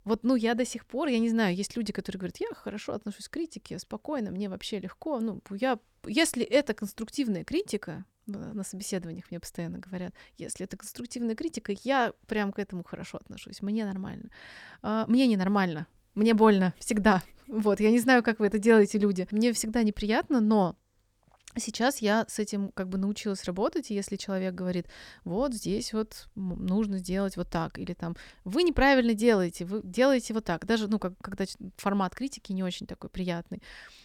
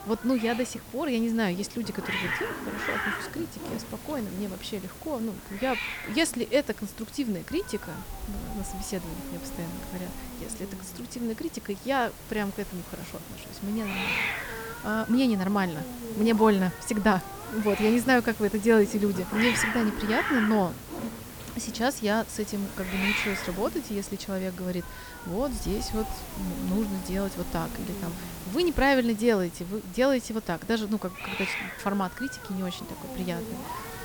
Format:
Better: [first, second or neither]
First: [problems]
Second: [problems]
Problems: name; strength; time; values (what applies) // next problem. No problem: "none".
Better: first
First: none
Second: hiss; loud; throughout; 7 dB below the speech